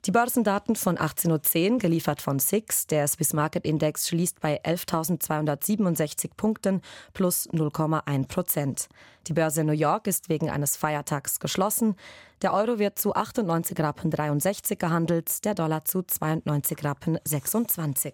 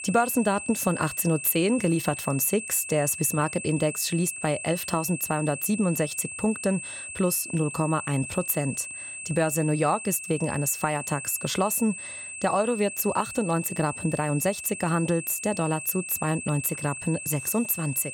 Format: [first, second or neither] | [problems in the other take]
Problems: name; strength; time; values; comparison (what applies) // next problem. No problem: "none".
first | high-pitched whine; loud; throughout; 2.5 kHz, 8 dB below the speech